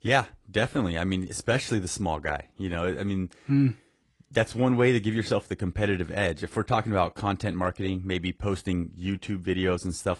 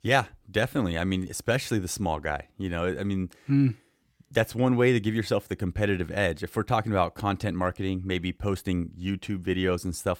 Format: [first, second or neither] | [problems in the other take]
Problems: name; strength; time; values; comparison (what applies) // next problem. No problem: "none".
second | garbled, watery; slightly; nothing above 10.5 kHz